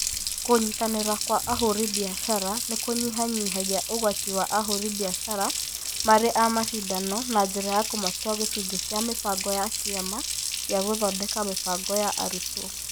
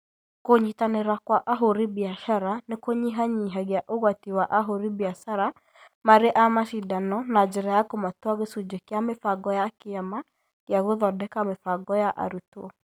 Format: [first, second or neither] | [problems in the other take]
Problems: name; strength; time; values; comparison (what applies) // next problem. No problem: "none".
second | background sound (Water tap, faucet); 3 dB below the speech